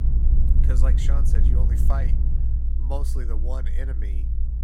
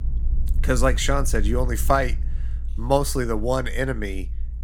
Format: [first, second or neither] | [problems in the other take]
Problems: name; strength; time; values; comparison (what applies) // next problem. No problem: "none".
second | low rumble; loud; throughout; 3 dB below the speech; faint in the second